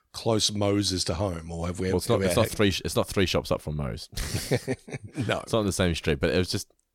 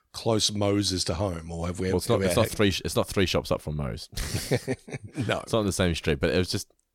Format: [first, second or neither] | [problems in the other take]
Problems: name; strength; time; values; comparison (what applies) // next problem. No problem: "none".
neither | none